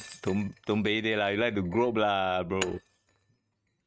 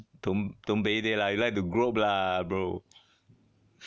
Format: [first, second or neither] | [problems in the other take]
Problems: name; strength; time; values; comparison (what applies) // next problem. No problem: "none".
second | noise reduction (neural mask model RNNoise)